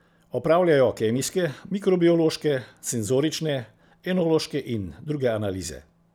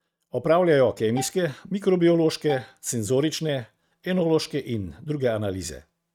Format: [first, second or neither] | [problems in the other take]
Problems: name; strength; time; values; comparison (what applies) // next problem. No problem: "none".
first | noise reduction (neural mask model RNNoise)